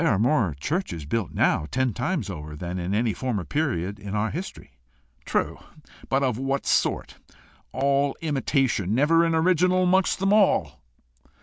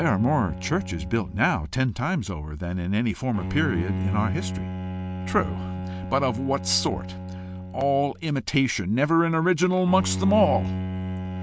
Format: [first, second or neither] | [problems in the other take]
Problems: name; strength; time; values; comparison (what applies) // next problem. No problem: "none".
first | background sound (Bowed string instrument); 7 dB below the speech